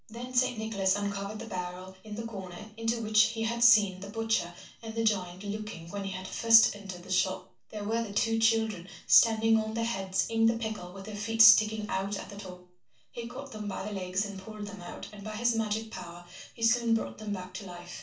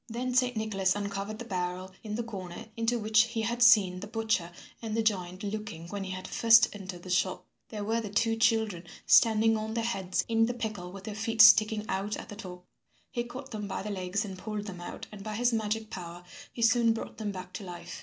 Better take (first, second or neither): second